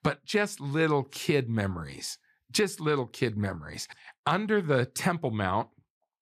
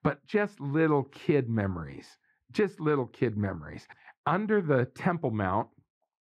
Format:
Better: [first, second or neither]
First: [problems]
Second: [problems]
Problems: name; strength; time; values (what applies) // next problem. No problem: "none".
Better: first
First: none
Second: muffled; very; fading above 3.5 kHz